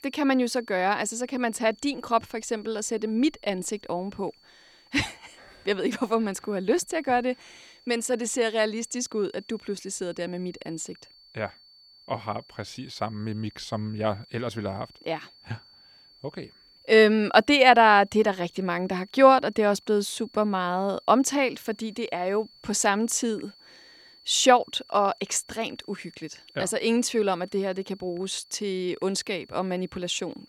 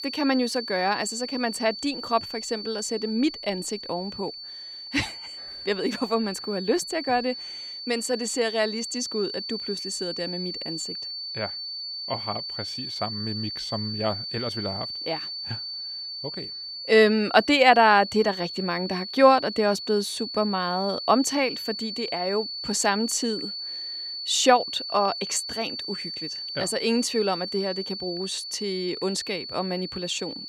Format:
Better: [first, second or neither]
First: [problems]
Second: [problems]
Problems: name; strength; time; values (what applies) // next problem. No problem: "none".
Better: first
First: high-pitched whine; faint; throughout; 4.5 kHz, 25 dB below the speech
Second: high-pitched whine; loud; throughout; 4.5 kHz, 7 dB below the speech